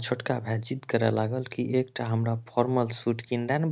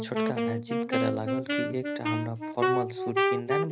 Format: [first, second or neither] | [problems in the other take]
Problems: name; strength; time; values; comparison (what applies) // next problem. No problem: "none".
first | background sound (Wind instrument, woodwind instrument); 5 dB above the speech